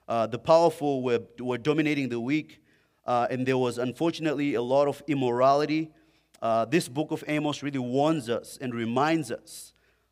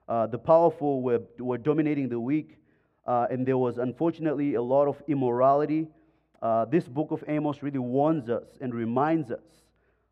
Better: first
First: none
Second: muffled; very; fading above 2.5 kHz

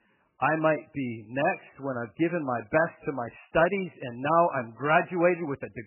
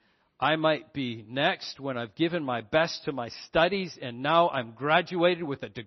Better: second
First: garbled, watery; badly; nothing above 3 kHz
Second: garbled, watery; slightly; nothing above 6 kHz

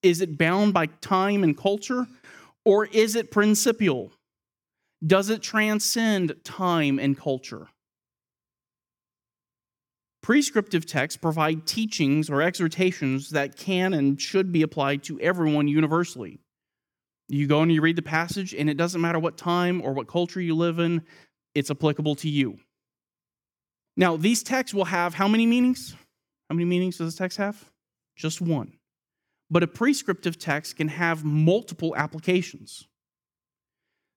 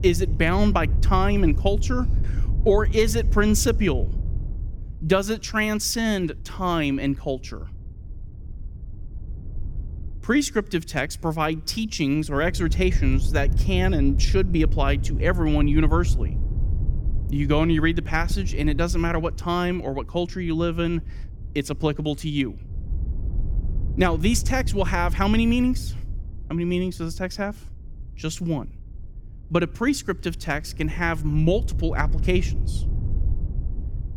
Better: first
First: none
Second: wind noise on the microphone; occasional gusts; 20 dB below the speech

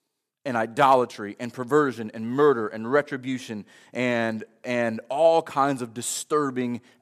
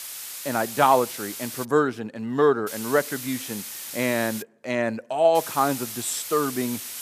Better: first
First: none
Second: hiss; loud; until 1.5 s, from 2.5 to 4.5 s and from 5.5 s on; 9 dB below the speech

